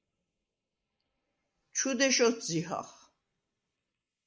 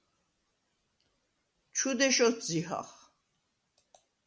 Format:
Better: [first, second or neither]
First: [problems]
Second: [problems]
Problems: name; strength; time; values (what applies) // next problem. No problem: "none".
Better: second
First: noise reduction (neural mask model Resemble Enhance denoiser)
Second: none